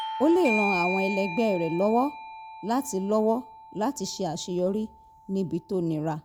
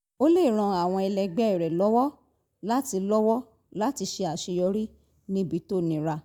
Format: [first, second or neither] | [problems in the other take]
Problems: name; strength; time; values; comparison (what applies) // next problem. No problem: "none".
second | background sound (Bell / Doorbell); 9 dB below the speech